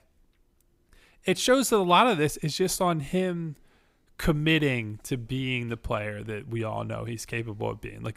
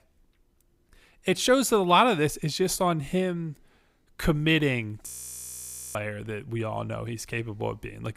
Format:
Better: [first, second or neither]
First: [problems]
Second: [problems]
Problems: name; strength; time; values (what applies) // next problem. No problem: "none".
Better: first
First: none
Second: audio freezing; at 5 s for 1 s